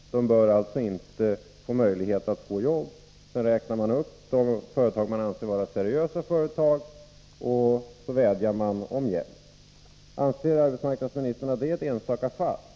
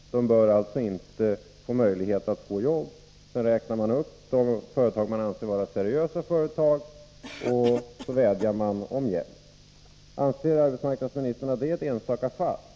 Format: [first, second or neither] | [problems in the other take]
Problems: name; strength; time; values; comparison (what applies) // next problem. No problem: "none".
first | background sound (Cough); 17 dB below the speech